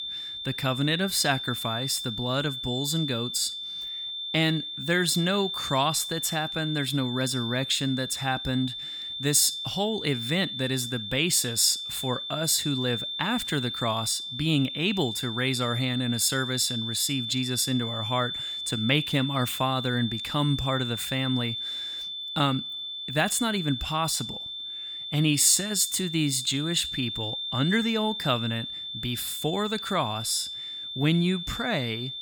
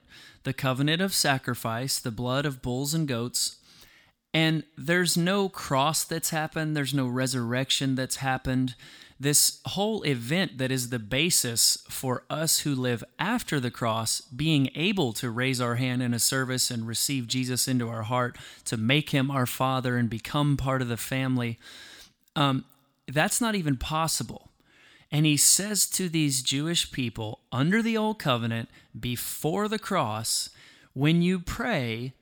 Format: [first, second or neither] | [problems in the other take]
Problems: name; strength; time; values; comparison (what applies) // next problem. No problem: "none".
second | high-pitched whine; loud; throughout; 3.5 kHz, 5 dB below the speech